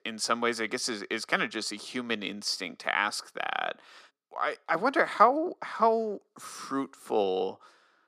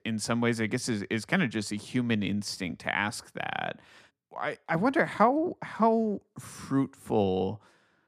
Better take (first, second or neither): second